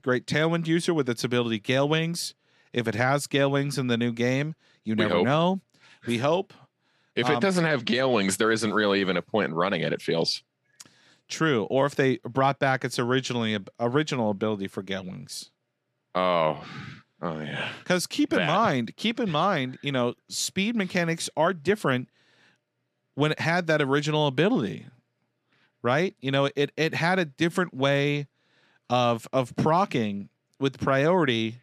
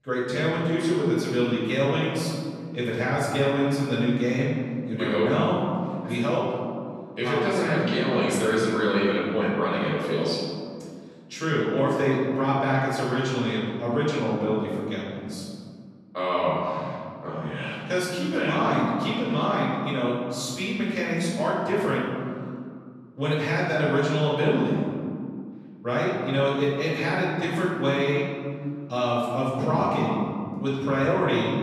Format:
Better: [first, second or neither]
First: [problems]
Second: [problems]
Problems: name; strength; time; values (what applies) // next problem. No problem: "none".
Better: first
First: none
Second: off-mic speech; far // room echo; strong; dies away in 2.2 s